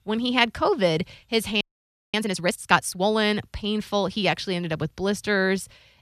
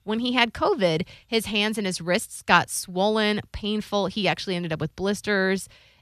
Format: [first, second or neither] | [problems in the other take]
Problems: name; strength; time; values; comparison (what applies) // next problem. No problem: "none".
second | audio freezing; at 1.5 s for 0.5 s